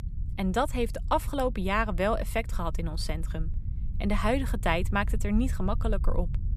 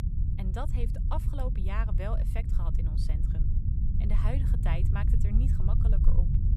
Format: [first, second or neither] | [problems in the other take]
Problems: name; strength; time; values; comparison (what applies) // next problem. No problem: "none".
first | low rumble; loud; throughout; 3 dB below the speech; faint in the first